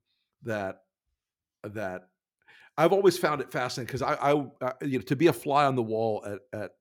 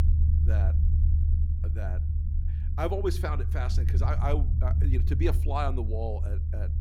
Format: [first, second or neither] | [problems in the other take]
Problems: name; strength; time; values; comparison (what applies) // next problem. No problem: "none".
first | low rumble; loud; throughout; 9 dB below the speech